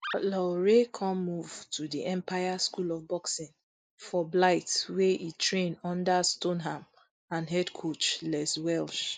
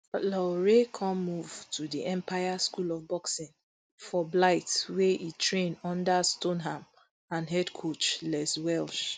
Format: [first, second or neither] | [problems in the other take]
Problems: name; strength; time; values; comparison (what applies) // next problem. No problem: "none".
second | noise reduction (neural mask model Resemble Enhance denoiser)